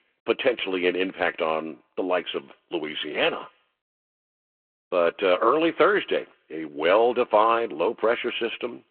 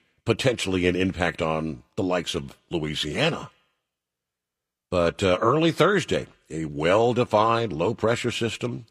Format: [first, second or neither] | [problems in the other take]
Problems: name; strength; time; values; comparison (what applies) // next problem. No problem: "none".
second | phone-call audio